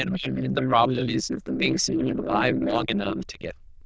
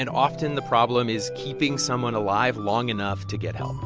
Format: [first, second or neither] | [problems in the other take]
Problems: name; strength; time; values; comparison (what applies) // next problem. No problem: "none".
second | noise reduction (neural diffusion model UNIVERSE++)